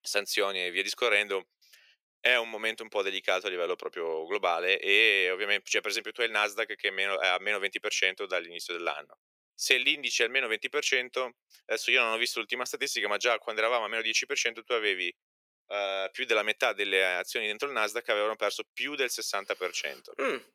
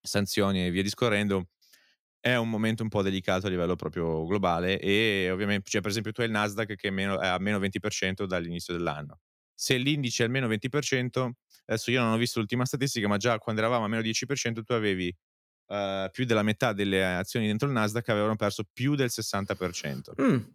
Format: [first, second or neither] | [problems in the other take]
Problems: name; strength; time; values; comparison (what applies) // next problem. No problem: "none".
second | thin; very; fading below 450 Hz